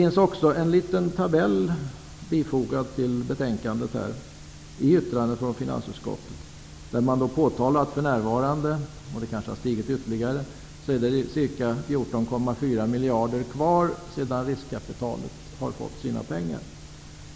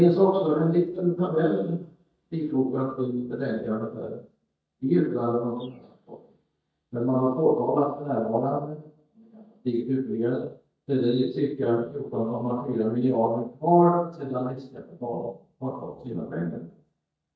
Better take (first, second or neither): first